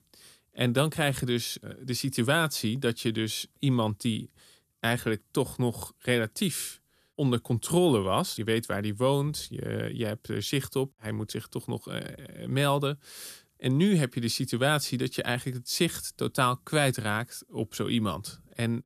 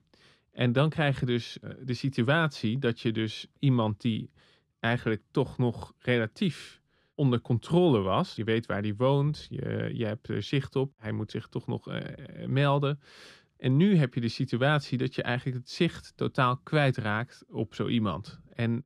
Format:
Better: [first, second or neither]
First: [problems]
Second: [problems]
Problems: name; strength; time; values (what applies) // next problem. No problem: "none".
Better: first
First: none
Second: muffled; slightly; fading above 3 kHz